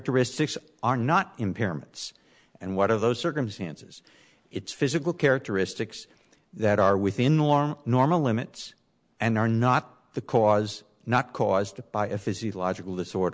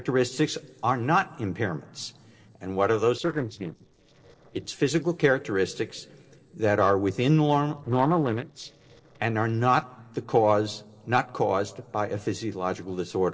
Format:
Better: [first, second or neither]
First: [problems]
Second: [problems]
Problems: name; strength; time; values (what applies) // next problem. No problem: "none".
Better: first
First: none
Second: noise reduction (neural separator model SepFormer DNS4)